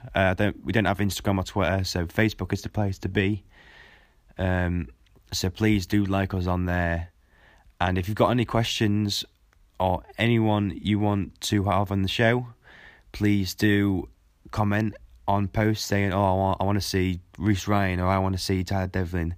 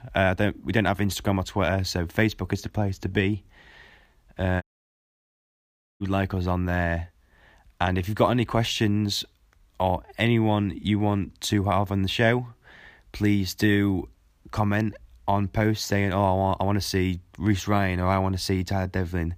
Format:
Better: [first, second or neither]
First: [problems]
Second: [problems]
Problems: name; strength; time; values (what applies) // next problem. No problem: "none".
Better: first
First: none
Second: audio cutting out; at 4.5 s for 1.5 s